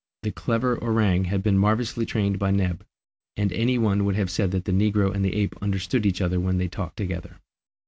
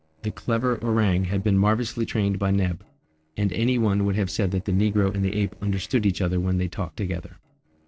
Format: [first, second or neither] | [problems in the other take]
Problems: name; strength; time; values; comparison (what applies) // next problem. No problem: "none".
first | noise reduction (neural separator model SepFormer DNS4)